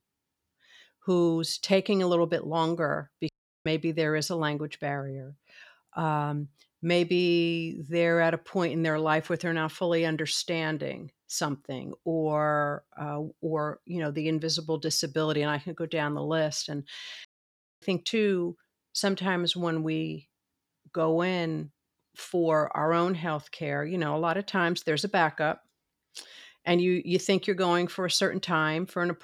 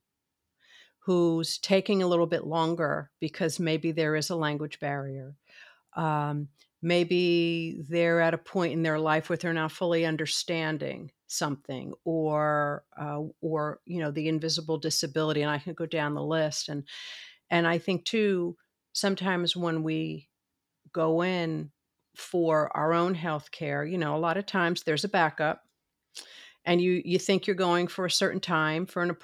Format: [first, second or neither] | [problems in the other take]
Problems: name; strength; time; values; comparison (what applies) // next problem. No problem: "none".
second | audio cutting out; at 3.5 s and at 17 s for 0.5 s